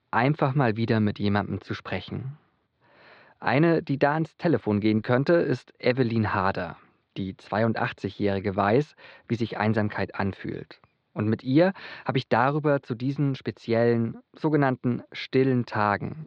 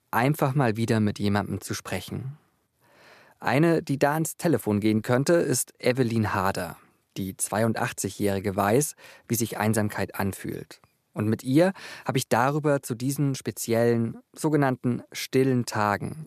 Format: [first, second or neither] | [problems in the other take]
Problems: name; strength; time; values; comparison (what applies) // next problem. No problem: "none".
second | muffled; slightly; fading above 4 kHz